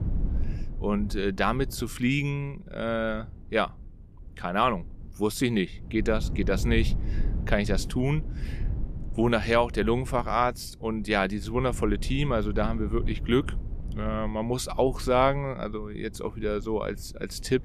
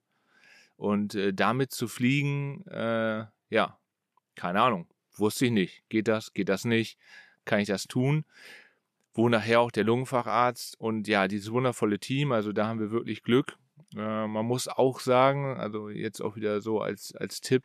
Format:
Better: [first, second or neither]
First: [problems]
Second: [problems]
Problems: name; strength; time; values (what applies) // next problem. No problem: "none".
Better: second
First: low rumble; faint; throughout; 20 dB below the speech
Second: none